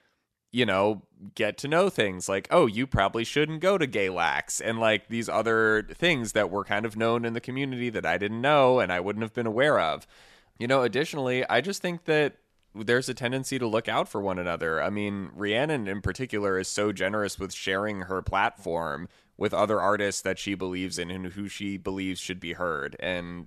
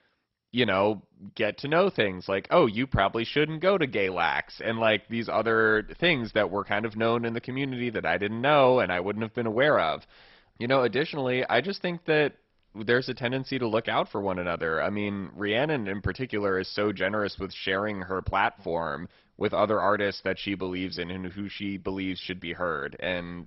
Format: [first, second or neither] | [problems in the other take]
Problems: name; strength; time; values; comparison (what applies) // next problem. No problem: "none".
first | garbled, watery; badly; nothing above 5.5 kHz